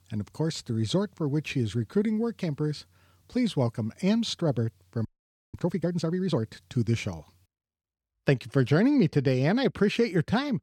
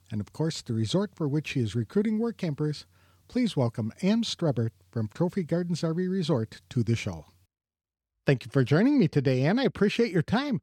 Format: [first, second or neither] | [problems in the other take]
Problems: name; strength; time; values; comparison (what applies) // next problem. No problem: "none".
second | audio freezing; at 5 s